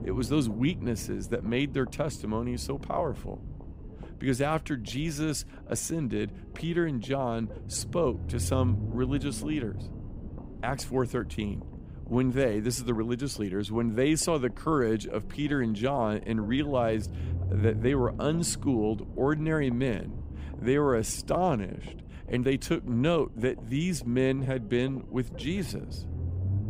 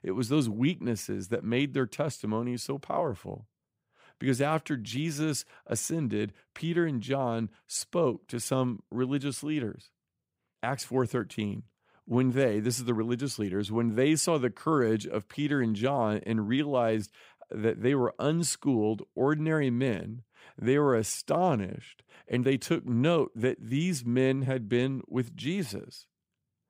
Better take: second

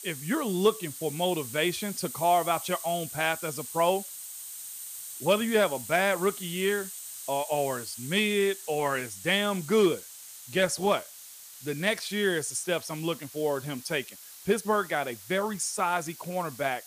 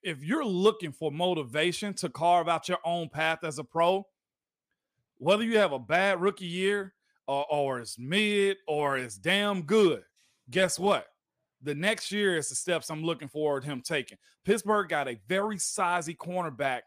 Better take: second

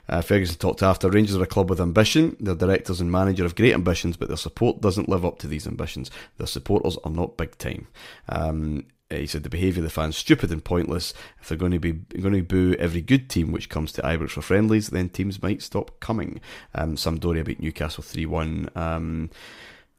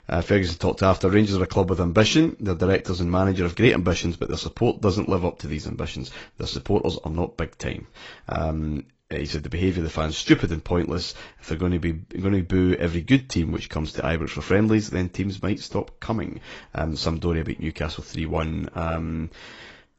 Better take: first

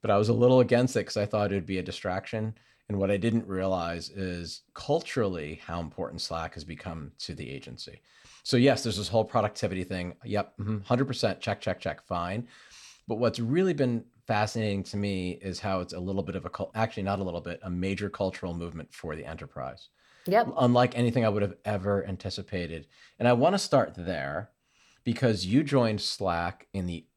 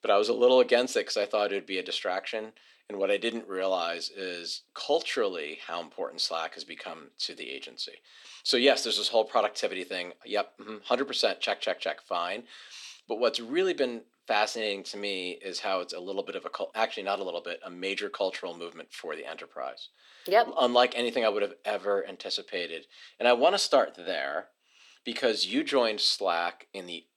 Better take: first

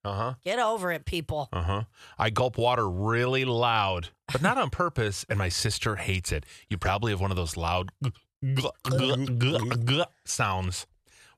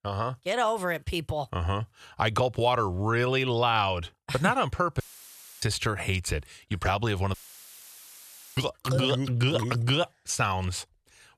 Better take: first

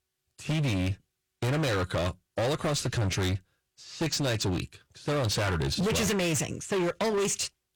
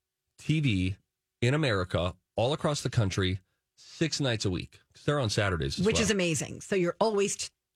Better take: second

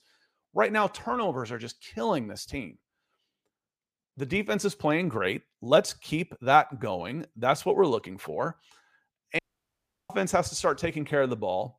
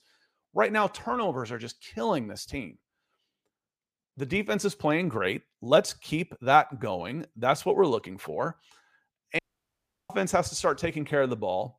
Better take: neither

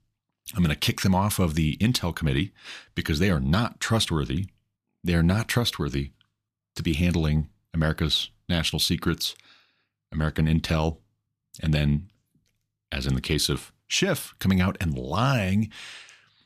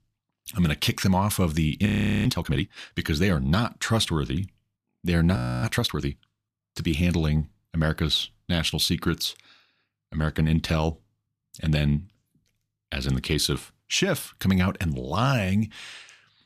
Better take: first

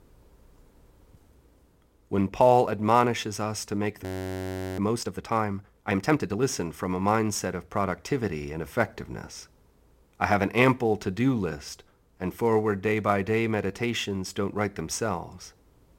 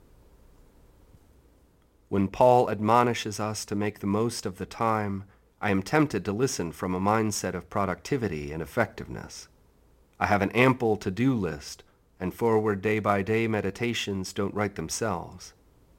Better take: second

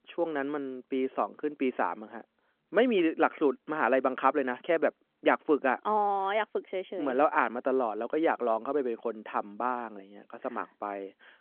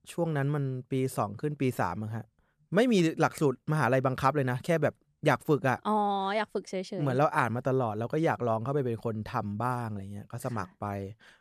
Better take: second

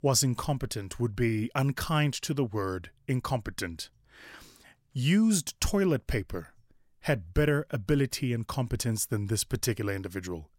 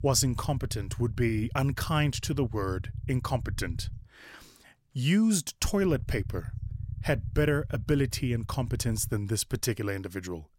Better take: first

